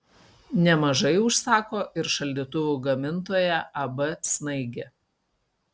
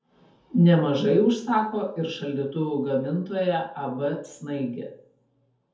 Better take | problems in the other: first | room echo; dies away in 0.5 s

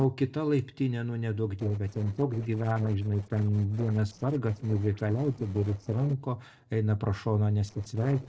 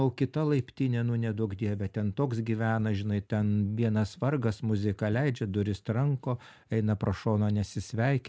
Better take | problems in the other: second | noise reduction (neural separator model SepFormer DNS4)

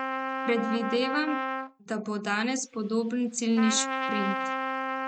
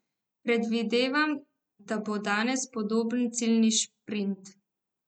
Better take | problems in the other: second | noise reduction (neural mask model RNNoise)

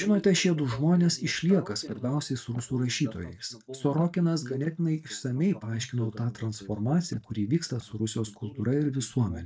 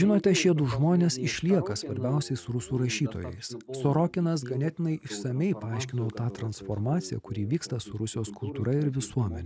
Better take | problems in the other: second | noise reduction (neural mask model DeepFilterNet 3)

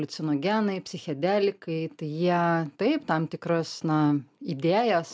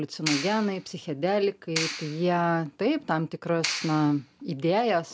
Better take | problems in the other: first | background sound (Clapping); 10 dB below the speech

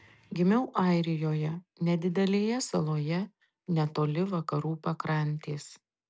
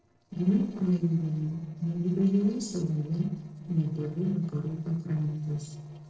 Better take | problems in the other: first | noise reduction (neural separator model SepFormer DNS4)

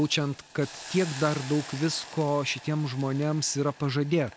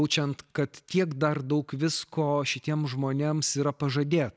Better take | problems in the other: second | background sound (Hiss); 16 dB below the speech

